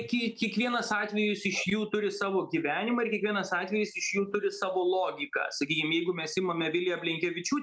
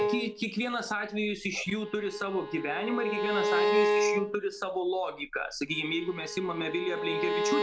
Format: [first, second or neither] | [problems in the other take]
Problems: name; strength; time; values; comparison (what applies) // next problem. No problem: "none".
first | background sound (Bowed string instrument); as loud as the speech